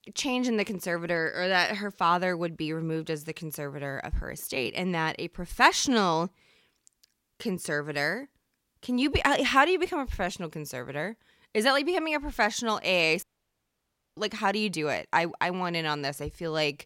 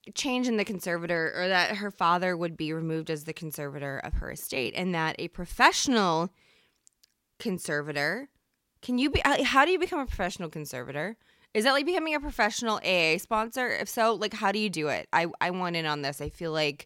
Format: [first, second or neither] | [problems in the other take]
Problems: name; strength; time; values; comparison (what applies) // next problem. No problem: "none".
second | audio cutting out; at 13 s for 1 s